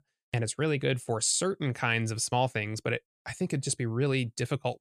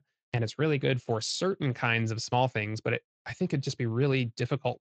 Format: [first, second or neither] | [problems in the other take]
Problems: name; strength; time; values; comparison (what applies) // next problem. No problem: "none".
first | garbled, watery; slightly; nothing above 8 kHz